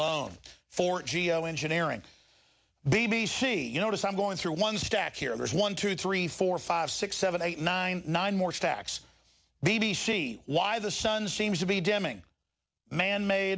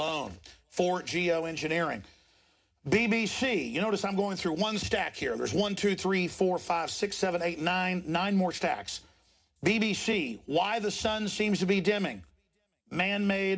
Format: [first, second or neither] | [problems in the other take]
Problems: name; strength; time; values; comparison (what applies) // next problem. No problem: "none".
first | room echo; dies away in 0.3 s